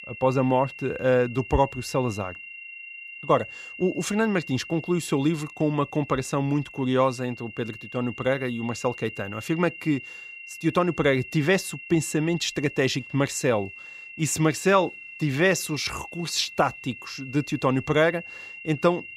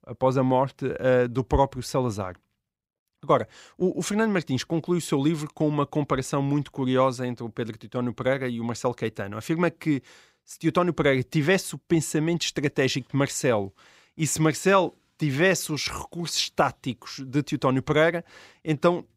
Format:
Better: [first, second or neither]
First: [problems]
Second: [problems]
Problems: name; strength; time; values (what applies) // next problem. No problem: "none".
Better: second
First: high-pitched whine; noticeable; throughout; 3 kHz, 15 dB below the speech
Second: none